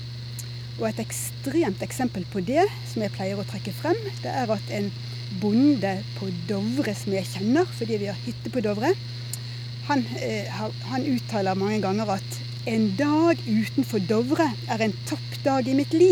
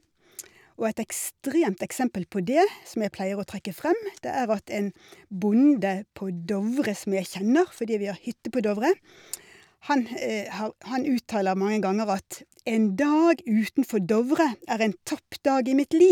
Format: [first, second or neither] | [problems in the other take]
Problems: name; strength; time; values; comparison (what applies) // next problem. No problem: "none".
second | background sound (Mechanical fan); 8 dB below the speech